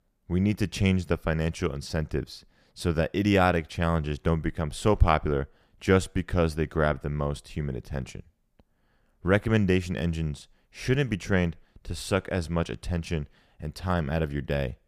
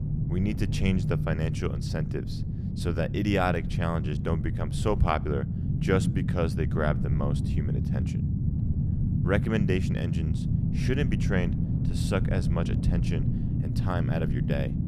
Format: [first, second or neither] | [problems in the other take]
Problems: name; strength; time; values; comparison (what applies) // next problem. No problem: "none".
first | low rumble; loud; throughout; 7 dB below the speech